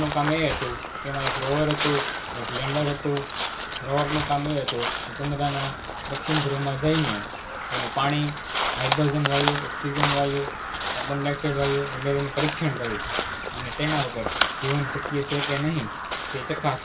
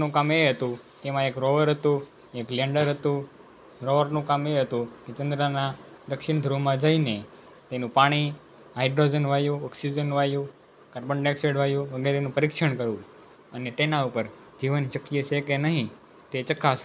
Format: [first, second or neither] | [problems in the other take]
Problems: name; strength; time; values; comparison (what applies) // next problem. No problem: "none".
second | background sound (Crow); 3 dB below the speech // room echo; dies away in 0.2 s